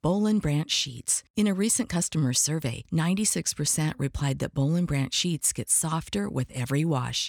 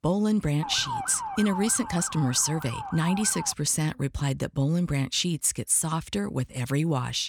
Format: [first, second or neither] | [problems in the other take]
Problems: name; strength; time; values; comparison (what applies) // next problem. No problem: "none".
first | siren; noticeable; from 0.5 to 3.5 s; peak 7 dB below the speech